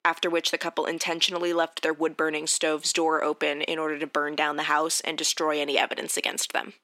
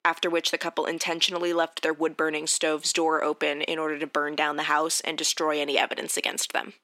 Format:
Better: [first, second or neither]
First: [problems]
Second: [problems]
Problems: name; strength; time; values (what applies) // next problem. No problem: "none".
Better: neither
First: thin; somewhat; fading below 300 Hz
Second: thin; somewhat; fading below 300 Hz